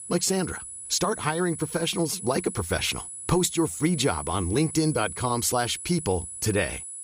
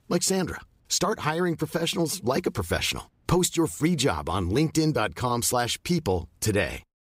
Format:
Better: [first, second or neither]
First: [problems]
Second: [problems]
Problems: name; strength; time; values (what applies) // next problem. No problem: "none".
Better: second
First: high-pitched whine; loud; throughout; 10.5 kHz, 9 dB below the speech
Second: none